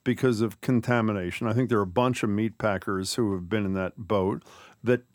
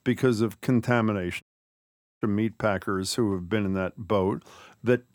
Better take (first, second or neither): first